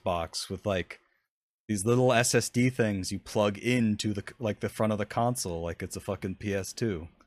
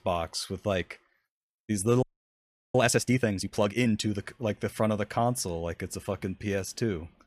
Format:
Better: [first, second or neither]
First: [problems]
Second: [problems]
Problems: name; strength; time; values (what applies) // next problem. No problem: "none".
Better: first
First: none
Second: audio freezing; at 2 s for 0.5 s